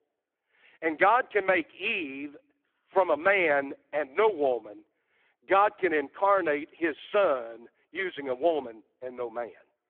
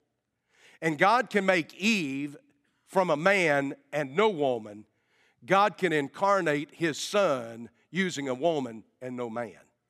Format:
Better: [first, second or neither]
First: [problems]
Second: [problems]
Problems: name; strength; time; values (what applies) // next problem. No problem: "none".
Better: second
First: phone-call audio; poor line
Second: none